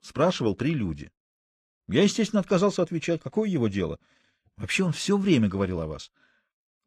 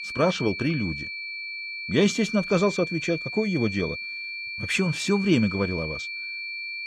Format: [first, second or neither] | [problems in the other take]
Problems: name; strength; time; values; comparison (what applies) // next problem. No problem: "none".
first | high-pitched whine; loud; throughout; 2.5 kHz, 6 dB below the speech